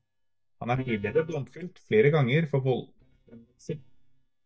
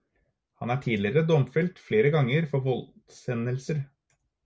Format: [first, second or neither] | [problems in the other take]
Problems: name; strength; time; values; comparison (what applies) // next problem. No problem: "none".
second | noise reduction (neural mask model DeepFilterNet 3)